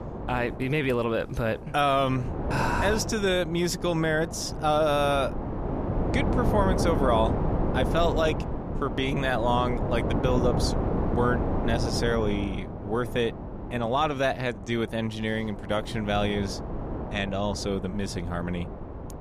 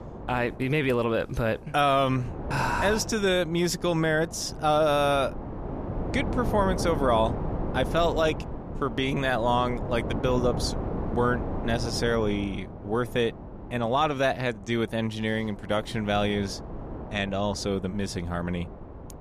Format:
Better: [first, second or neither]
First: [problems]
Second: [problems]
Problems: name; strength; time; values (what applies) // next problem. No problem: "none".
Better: second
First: wind noise on the microphone; heavy; 7 dB below the speech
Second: wind noise on the microphone; occasional gusts; 10 dB below the speech